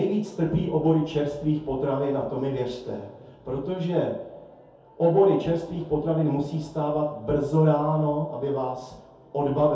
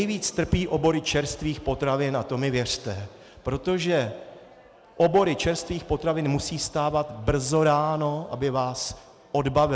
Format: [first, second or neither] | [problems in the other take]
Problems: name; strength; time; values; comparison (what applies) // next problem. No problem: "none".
second | room echo; dies away in 0.6 s